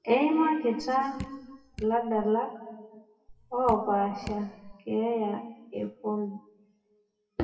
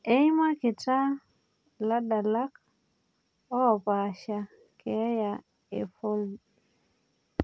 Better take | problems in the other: second | noise reduction (classical method WPE with log-MMSE)

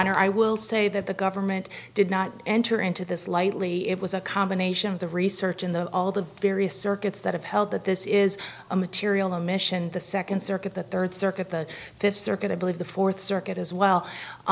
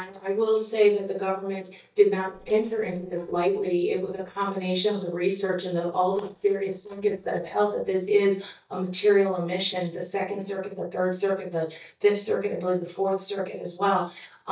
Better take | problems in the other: first | noise reduction (neural mask model DeepFilterNet 3)

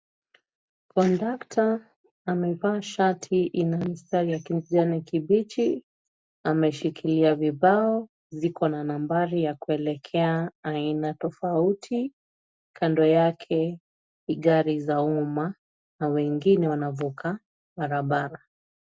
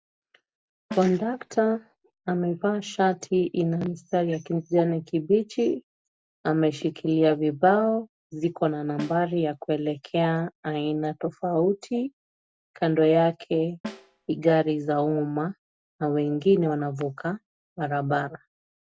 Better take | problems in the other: first | background sound (Snare drum); 18 dB below the speech

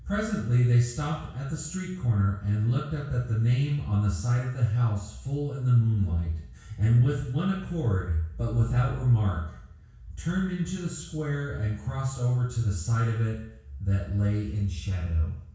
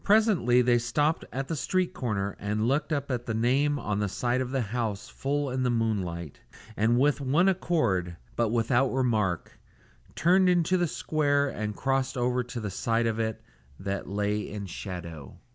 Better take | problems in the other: second | room echo; dies away in 0.6 s

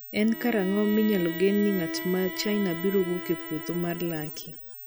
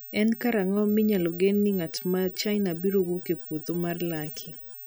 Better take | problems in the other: second | background sound (Bowed string instrument); 11 dB below the speech

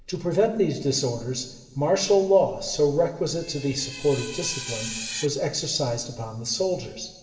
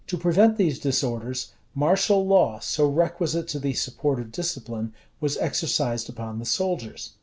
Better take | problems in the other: second | background sound (Screech); 11 dB below the speech // room echo; dies away in 2.5 s

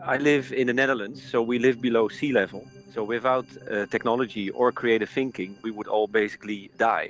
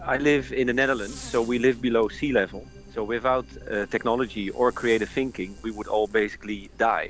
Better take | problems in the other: first | background sound (Zipper (clothing)); 20 dB below the speech

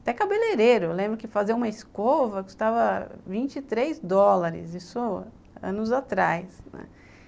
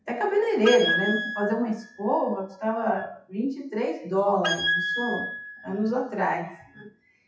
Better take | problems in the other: first | noise reduction (classical method WPE with log-MMSE)

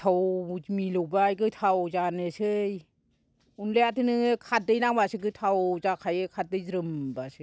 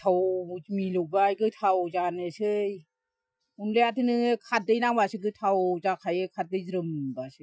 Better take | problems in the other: first | noise reduction (classical method Wiener filter)

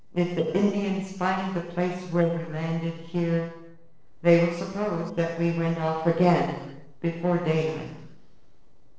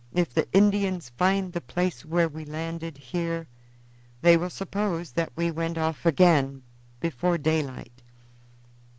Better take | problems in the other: second | noise reduction (neural separator model SepFormer DNS4)

